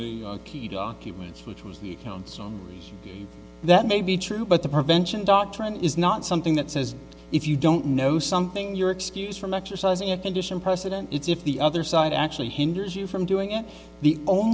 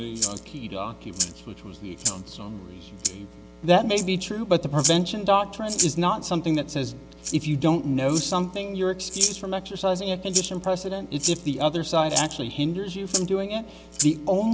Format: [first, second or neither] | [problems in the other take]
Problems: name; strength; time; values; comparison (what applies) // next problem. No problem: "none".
first | background sound (Rattle (instrument)); 7 dB below the speech